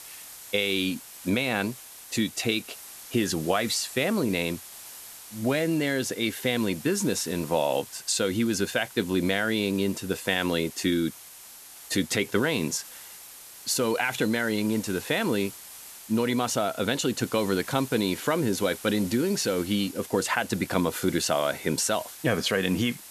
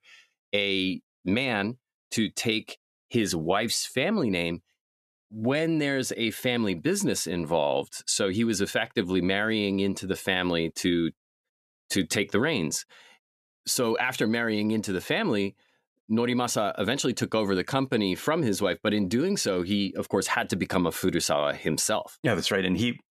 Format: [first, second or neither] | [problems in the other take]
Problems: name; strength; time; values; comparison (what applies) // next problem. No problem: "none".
second | hiss; noticeable; throughout; 15 dB below the speech